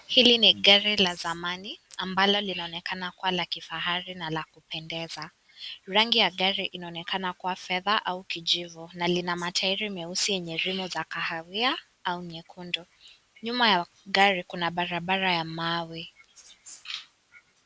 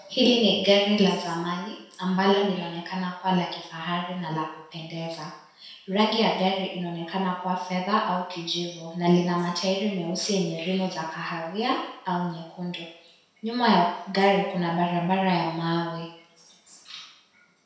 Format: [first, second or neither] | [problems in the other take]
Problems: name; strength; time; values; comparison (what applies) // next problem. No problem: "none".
first | room echo; dies away in 0.7 s